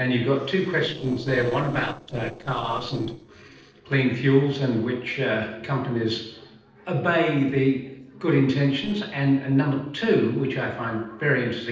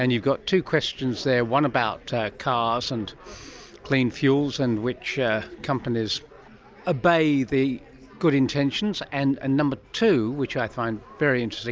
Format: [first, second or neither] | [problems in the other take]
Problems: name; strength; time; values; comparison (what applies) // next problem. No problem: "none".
second | noise reduction (neural separator model SepFormer DNS4)